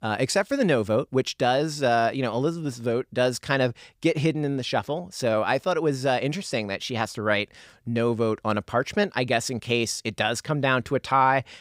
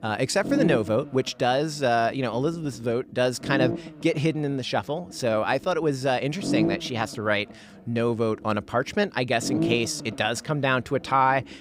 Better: first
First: none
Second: low rumble; loud; throughout; 8 dB below the speech

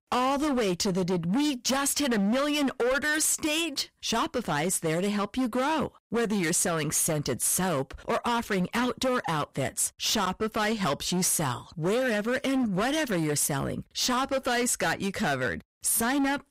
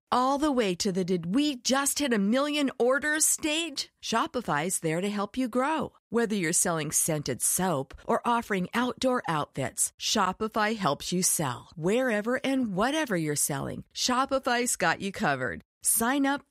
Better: second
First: distortion; heavy; 22% of the sound clipped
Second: none

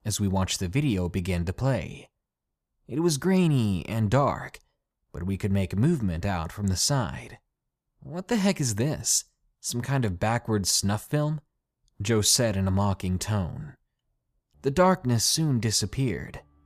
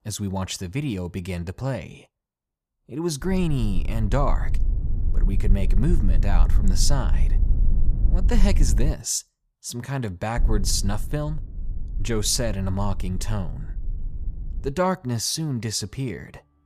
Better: first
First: none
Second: low rumble; noticeable; from 3 to 9 s and from 10 to 15 s; 15 dB below the speech

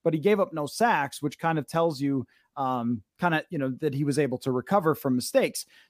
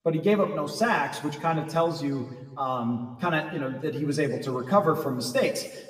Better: first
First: none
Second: room echo; slight; dies away in 1.3 s // off-mic speech; somewhat distant

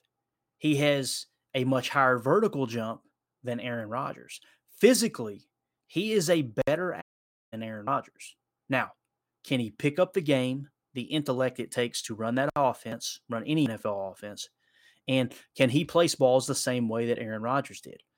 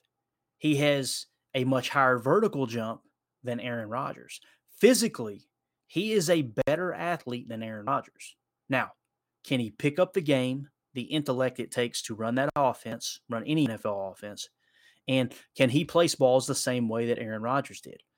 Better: second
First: audio cutting out; at 7 s for 0.5 s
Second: none

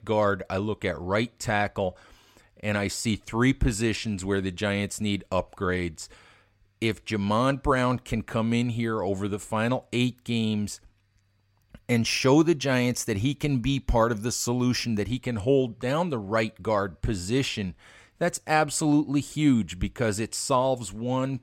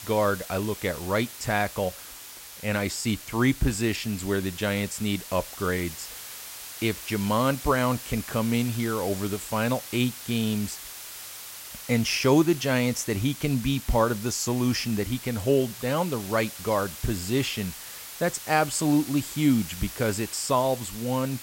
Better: first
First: none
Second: hiss; noticeable; throughout; 10 dB below the speech

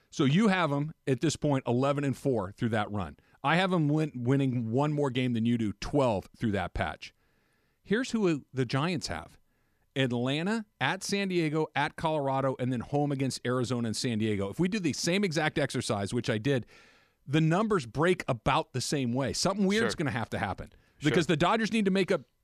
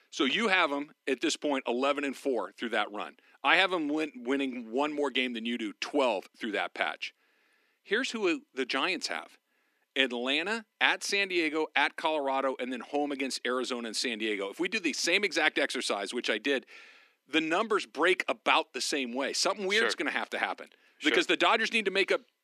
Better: first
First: none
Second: thin; somewhat; fading below 250 Hz

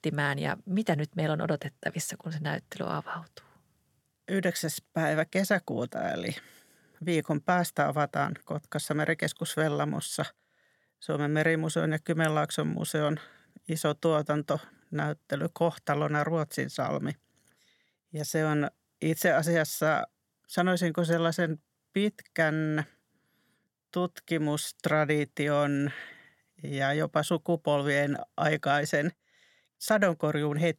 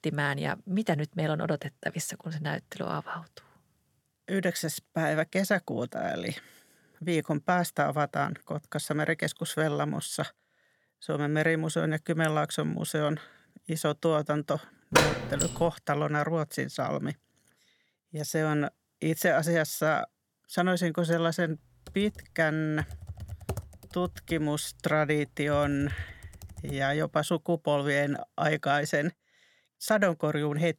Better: first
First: none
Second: door banging; loud; at 15 s; peak 5 dB above the speech // keyboard typing; noticeable; from 22 to 27 s; peak 8 dB below the speech

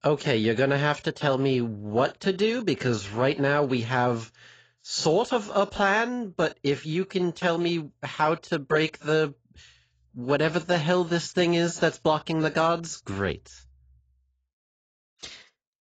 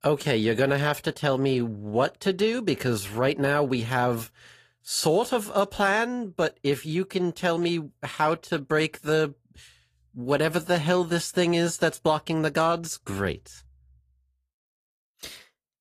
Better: second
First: garbled, watery; badly; nothing above 7.5 kHz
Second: garbled, watery; slightly; nothing above 15 kHz

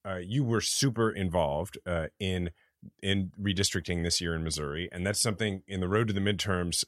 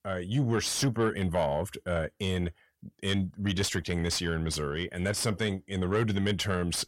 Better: first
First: none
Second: distortion; slight; 10 dB below the speech

